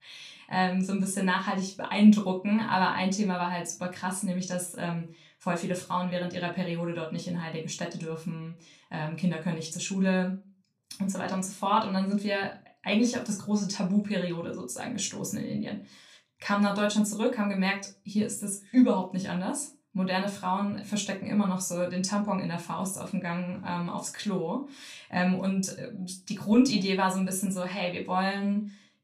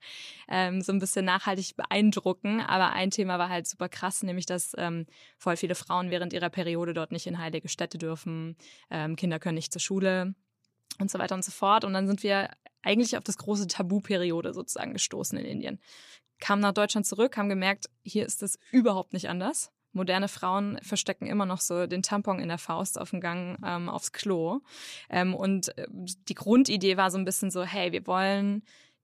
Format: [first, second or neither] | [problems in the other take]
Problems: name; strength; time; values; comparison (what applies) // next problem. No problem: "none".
second | off-mic speech; somewhat distant // room echo; very slight; dies away in 0.3 s